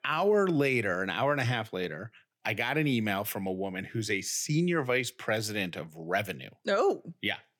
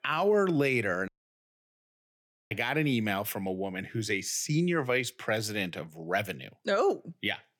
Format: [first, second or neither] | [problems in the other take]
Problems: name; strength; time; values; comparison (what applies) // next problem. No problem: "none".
first | audio cutting out; at 1 s for 1.5 s